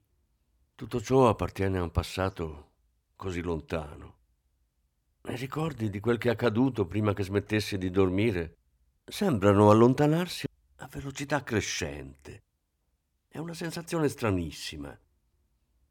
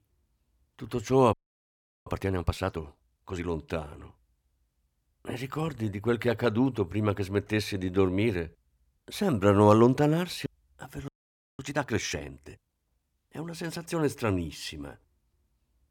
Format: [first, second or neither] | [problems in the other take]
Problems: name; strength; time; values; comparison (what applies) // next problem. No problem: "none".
first | audio freezing; at 1.5 s for 0.5 s and at 11 s for 0.5 s